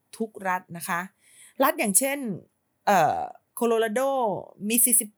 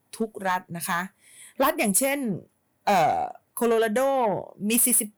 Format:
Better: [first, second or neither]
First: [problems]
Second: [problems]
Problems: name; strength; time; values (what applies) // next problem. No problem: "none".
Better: first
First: none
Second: distortion; slight; 10 dB below the speech